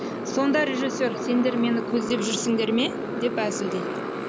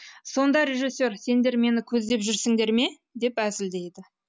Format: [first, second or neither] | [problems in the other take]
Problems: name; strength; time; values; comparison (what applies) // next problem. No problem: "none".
second | background sound (Motorcycle); 4 dB below the speech